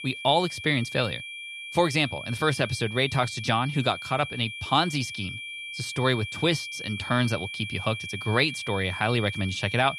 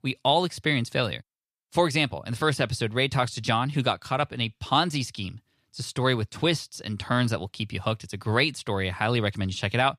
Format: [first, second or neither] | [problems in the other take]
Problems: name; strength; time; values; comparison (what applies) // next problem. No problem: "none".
second | high-pitched whine; loud; throughout; 2.5 kHz, 8 dB below the speech